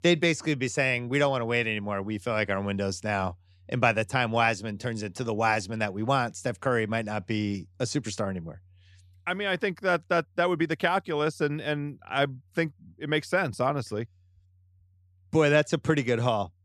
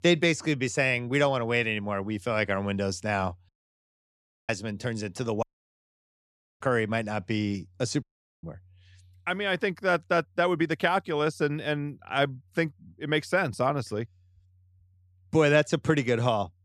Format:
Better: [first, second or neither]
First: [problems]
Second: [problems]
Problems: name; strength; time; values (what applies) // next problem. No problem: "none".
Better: first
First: none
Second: audio cutting out; at 3.5 s for 1 s, at 5.5 s for 1 s and at 8 s